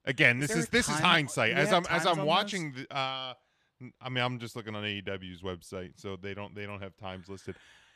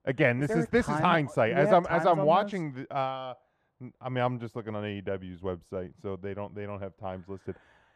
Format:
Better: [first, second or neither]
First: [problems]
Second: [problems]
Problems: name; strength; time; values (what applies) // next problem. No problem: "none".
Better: first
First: none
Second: muffled; very; fading above 2 kHz